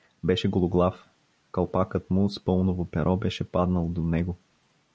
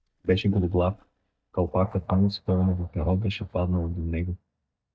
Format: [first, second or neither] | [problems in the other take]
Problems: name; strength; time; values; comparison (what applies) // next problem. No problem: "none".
first | noise reduction (neural mask model DeepFilterNet 3)